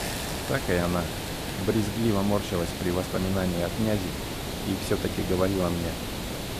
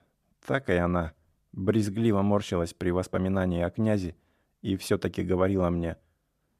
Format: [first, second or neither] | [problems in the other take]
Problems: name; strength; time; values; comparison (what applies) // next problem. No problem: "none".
second | hiss; loud; throughout; 4 dB below the speech